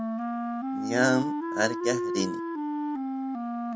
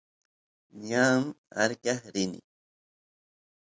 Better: second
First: background sound (Wind instrument, woodwind instrument); as loud as the speech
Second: none

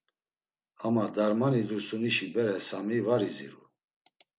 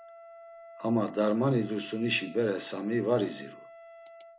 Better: first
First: none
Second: background sound (Wind instrument, woodwind instrument); 19 dB below the speech

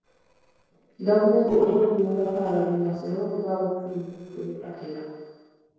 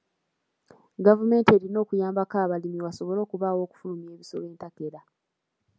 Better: second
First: noise reduction (neural separator model SepFormer DNS4)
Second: none

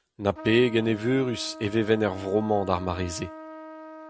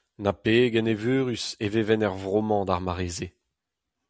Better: second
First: background sound (Trumpet); 15 dB below the speech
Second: none

